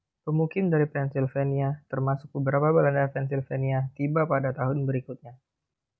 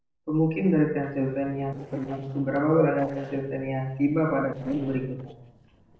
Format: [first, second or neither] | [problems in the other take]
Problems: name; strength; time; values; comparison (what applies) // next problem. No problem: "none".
first | noise reduction (neural separator model SepFormer DNS4)